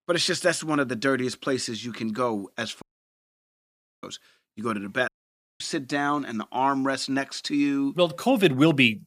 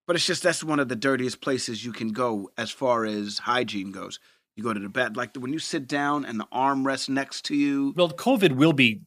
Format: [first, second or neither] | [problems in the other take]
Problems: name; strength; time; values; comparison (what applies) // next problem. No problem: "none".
second | audio cutting out; at 3 s for 1 s and at 5 s for 0.5 s